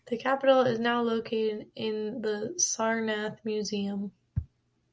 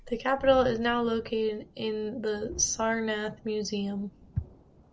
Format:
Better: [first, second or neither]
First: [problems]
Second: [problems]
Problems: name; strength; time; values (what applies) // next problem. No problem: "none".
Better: first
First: none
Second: background sound (Thunderstorm); 19 dB below the speech